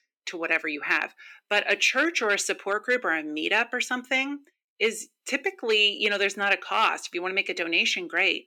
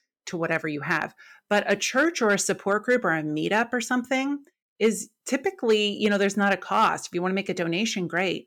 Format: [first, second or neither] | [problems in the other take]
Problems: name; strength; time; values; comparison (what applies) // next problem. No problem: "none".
second | thin; somewhat; fading below 300 Hz